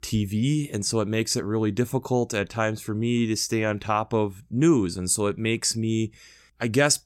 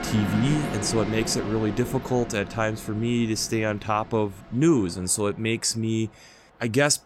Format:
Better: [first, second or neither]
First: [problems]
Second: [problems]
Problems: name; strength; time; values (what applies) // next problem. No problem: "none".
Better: first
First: none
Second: train or aircraft noise; loud; throughout; 8 dB below the speech